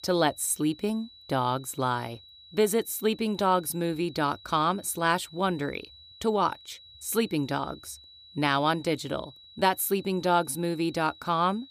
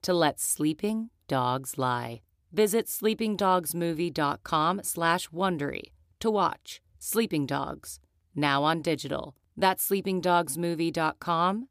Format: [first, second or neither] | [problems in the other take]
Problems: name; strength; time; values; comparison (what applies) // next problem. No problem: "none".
second | high-pitched whine; faint; throughout; 4 kHz, 20 dB below the speech